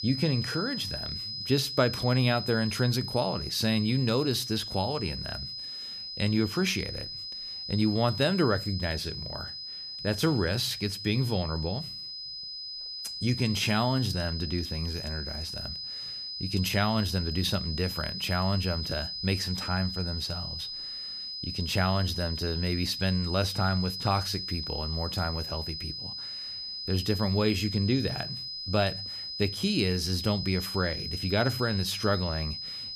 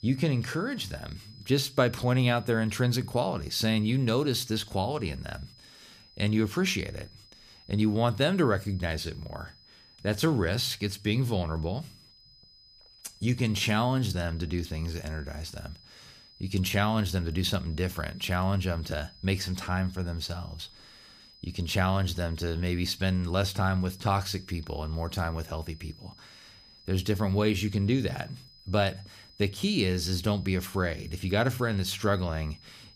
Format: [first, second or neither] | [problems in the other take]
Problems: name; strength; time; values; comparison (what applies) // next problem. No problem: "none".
second | high-pitched whine; loud; throughout; 5 kHz, 5 dB below the speech; faint in the second